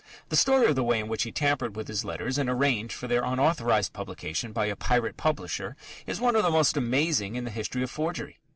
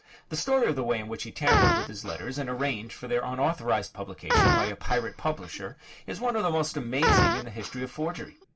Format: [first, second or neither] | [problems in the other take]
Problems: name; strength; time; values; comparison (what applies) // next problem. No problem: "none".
first | background sound (Fart); 1 dB above the speech // room echo; dies away in 0.2 s